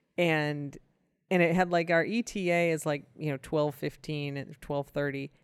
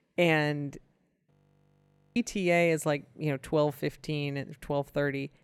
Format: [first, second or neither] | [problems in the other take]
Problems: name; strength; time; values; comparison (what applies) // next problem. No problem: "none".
first | audio freezing; at 1.5 s for 1 s